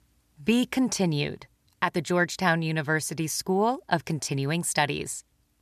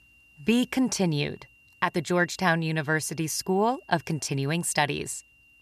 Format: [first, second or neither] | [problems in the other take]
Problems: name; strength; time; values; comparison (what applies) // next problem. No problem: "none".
first | high-pitched whine; faint; throughout; 3 kHz, 30 dB below the speech